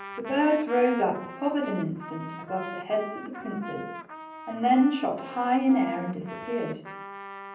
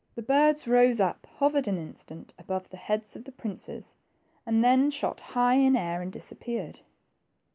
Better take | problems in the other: second | background sound (Trumpet); 12 dB below the speech // room echo; dies away in 0.6 s

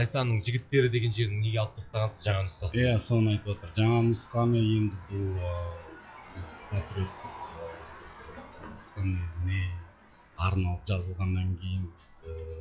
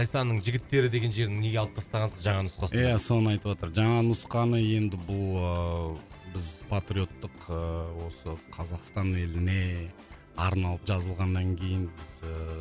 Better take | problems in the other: second | noise reduction (classical method log-MMSE)

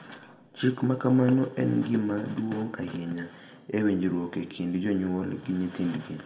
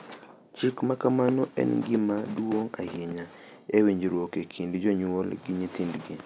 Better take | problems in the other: second | room echo; dies away in 0.9 s

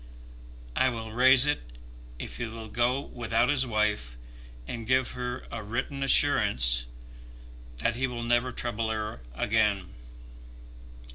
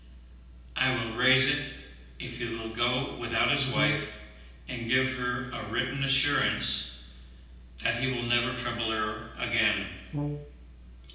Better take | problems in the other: first | background sound (Brass instrument); 4 dB below the speech // room echo; dies away in 0.9 s

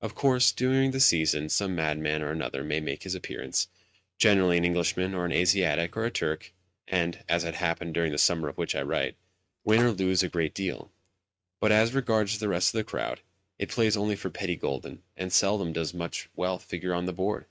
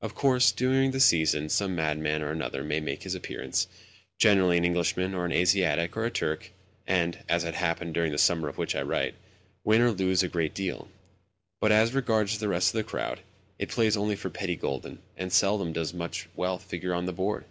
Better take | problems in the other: second | noise reduction (neural mask model RNNoise)

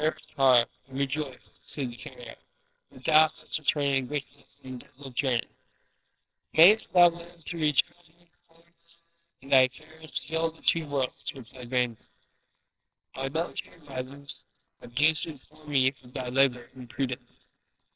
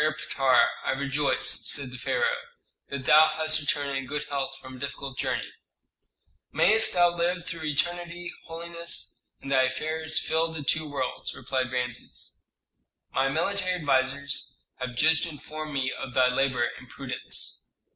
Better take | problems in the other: second | noise reduction (neural separator model SepFormer WHAMR!)

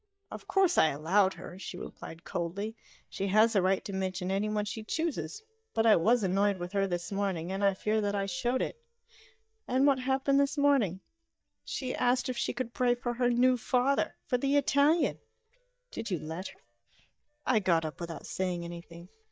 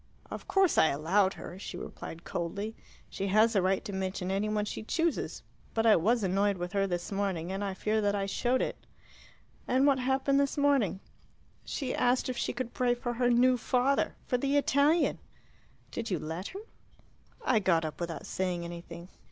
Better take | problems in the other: second | noise reduction (neural mask model DeepFilterNet 3)

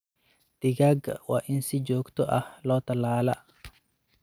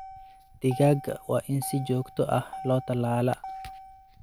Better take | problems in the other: first | background sound (Motor vehicle (road)); 15 dB below the speech

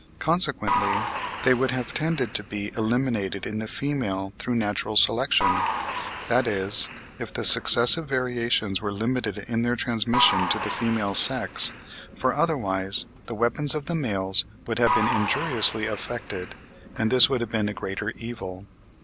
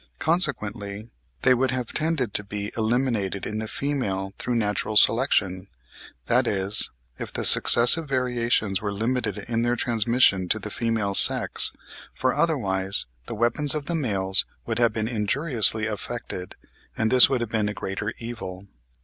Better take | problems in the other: second | background sound (Applause / Crowd); 6 dB below the speech

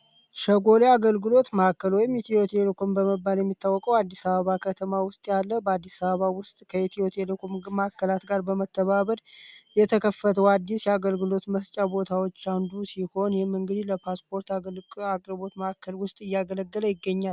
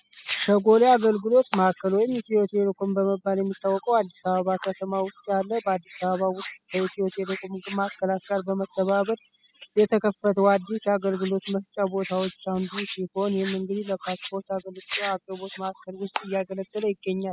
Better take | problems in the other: first | noise reduction (classical method spectral subtraction)

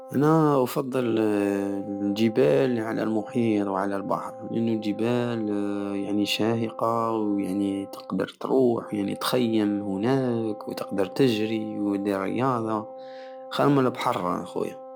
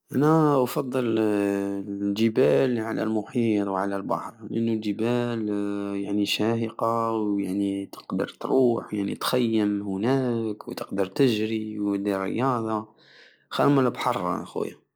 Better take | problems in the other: second | background sound (Wind instrument, woodwind instrument); 15 dB below the speech

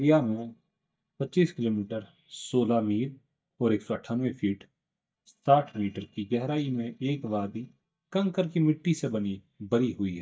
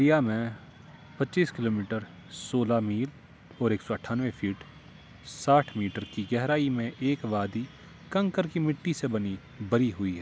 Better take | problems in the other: second | noise reduction (neural mask model DeepFilterNet 3)

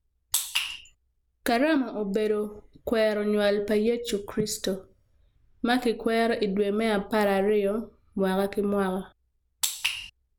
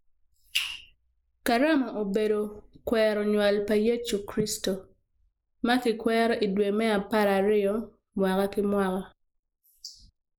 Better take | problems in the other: first | noise reduction (neural mask model Resemble Enhance denoiser)

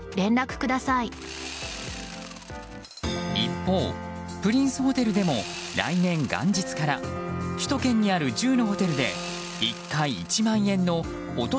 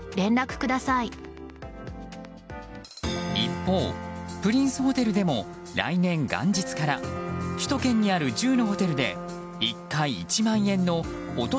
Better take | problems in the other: second | background sound (Sawing); 14 dB below the speech

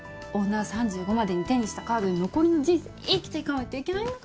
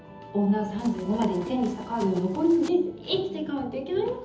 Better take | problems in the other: first | background sound (Run); 19 dB below the speech // room echo; dies away in 0.7 s

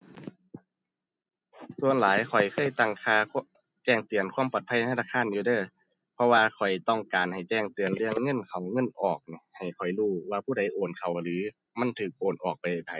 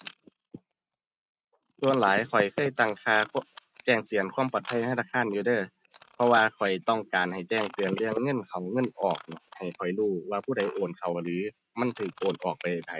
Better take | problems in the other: first | noise reduction (neural mask model RNNoise)

